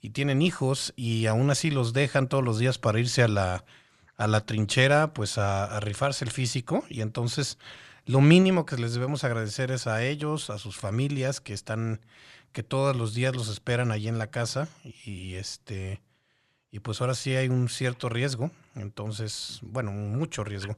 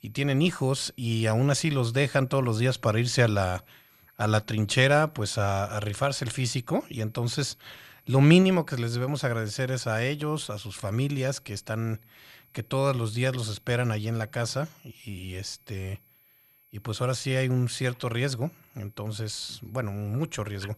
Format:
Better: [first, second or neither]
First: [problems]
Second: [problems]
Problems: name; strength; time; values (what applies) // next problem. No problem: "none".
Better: first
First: none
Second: high-pitched whine; faint; throughout; 12 kHz, 30 dB below the speech